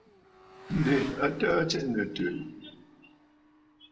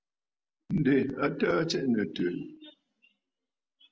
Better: second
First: background sound (Motorcycle / Accelerating, revving, vroom); 17 dB below the speech // room echo; dies away in 0.6 s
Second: none

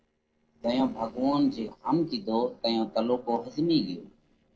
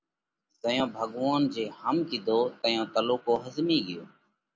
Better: second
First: noise reduction (neural separator model SepFormer DNS4)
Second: none

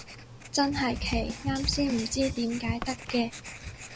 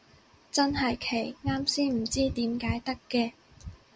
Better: second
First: background sound (Bass drum / Snare drum + Writing); 8 dB below the speech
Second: none

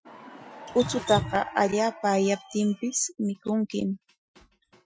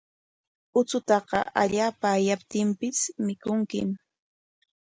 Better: second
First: noise reduction (classical method Wiener filter)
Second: none

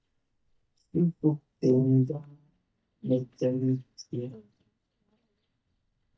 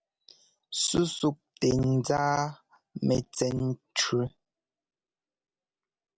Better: second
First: noise reduction (neural mask model DeepFilterNet 3)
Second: none

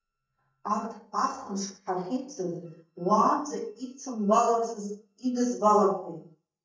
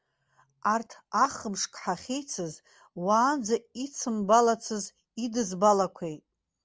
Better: second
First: noise reduction (neural mask model DeepFilterNet 3)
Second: none

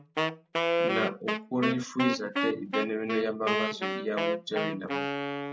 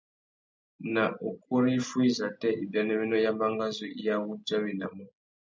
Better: second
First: background sound (Wind instrument, woodwind instrument); 1 dB above the speech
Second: none

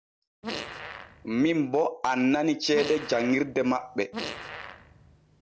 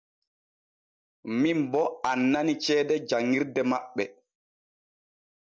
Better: second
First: background sound (Fart); 12 dB below the speech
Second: none

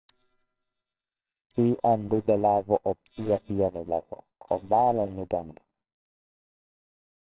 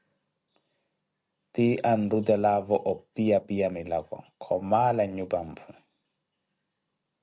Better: second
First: noise reduction (neural separator model SepFormer WHAMR!)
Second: none

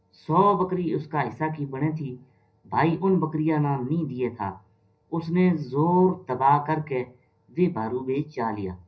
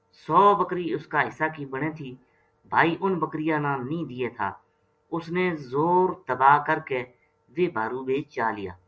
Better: second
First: room echo; dies away in 0.3 s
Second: none

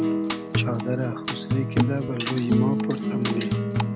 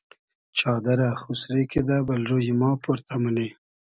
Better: second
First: background sound (Acoustic guitar); 4 dB above the speech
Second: none

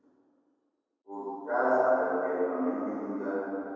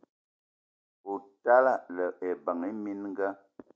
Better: second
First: room echo; dies away in 2.1 s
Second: none

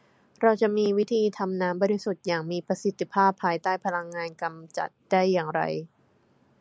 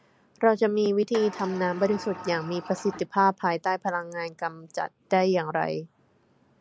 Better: first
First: none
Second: background sound (Sliding door); 14 dB below the speech

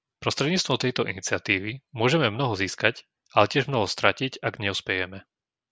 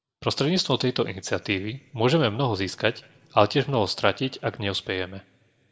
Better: first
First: none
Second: room echo; dies away in 0.6 s

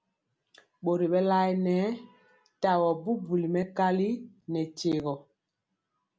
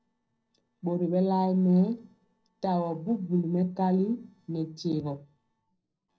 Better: first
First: none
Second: noise reduction (neural separator model SepFormer DNS4)

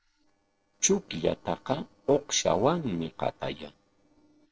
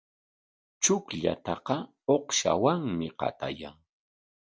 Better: second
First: noise reduction (neural separator model SepFormer DNS4)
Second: none

